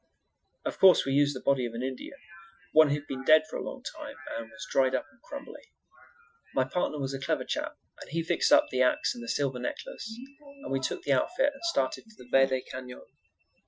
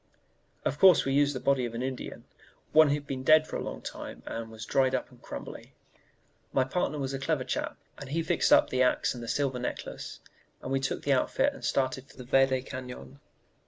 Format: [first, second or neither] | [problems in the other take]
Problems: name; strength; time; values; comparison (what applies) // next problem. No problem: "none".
second | noise reduction (classical method Wiener filter)